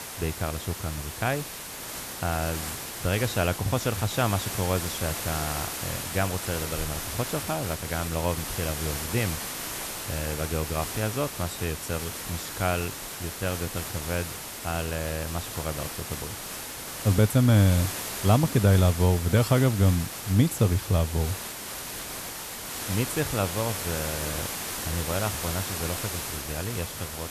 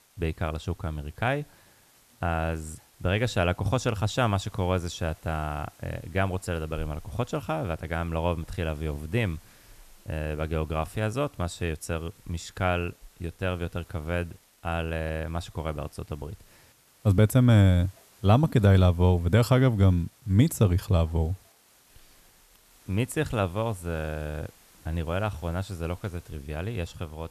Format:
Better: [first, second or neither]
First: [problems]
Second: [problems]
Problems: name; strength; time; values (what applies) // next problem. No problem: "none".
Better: second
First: hiss; loud; throughout; 5 dB below the speech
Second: hiss; faint; throughout; 30 dB below the speech